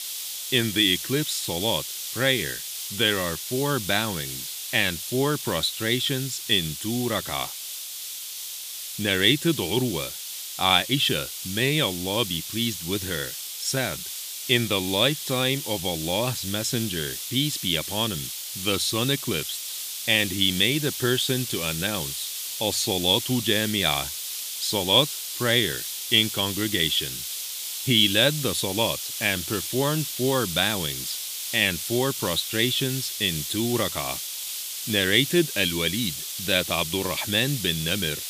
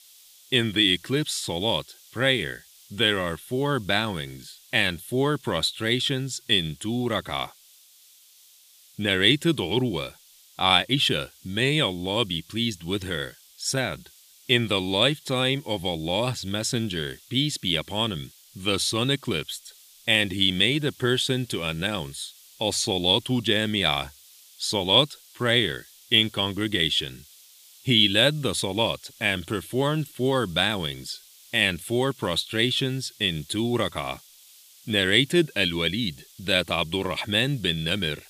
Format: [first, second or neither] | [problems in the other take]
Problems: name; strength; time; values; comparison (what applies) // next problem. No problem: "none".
second | hiss; loud; throughout; 6 dB below the speech; faint in the second